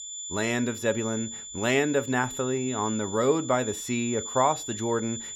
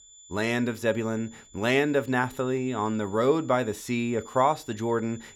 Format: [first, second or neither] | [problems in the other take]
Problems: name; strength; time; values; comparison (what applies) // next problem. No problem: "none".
second | high-pitched whine; loud; throughout; 7 kHz, 8 dB below the speech; faint in the second